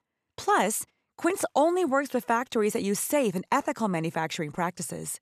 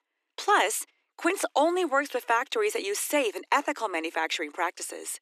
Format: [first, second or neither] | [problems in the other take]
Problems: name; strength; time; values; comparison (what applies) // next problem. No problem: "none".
first | thin; somewhat; fading below 300 Hz